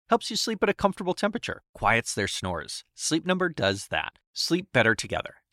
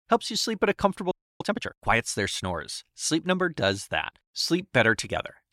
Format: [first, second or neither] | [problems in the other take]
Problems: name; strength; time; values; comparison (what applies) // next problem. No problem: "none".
first | audio freezing; at 1 s